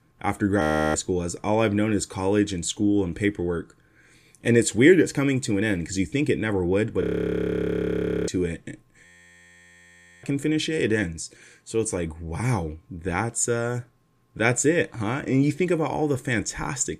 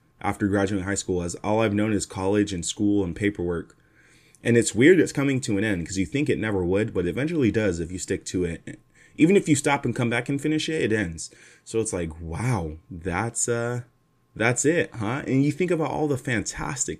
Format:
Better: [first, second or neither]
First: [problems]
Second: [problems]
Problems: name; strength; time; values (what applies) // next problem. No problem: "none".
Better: second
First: audio freezing; at 0.5 s, at 7 s for 1 s and at 9 s for 1 s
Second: none